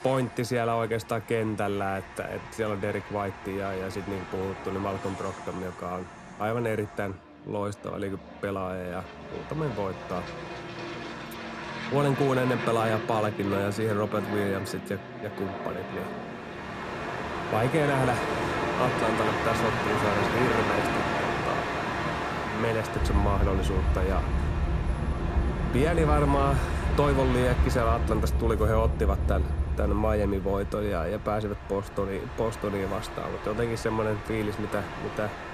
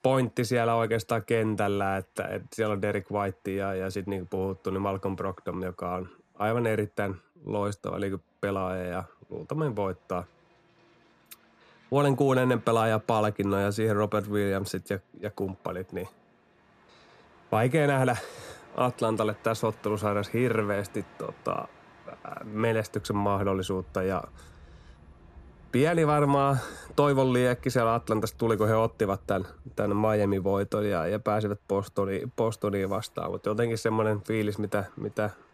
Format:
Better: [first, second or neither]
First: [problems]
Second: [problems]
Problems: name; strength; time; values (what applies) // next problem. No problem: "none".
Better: second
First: train or aircraft noise; loud; throughout; 2 dB below the speech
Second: train or aircraft noise; faint; throughout; 25 dB below the speech